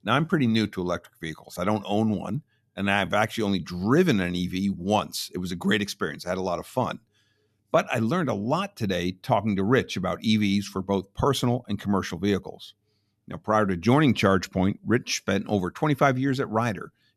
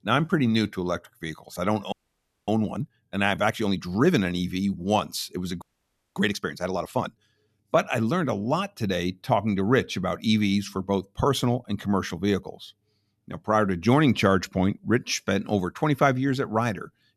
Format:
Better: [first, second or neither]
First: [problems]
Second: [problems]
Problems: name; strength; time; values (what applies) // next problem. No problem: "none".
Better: first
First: none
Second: audio freezing; at 2 s for 0.5 s and at 5.5 s for 0.5 s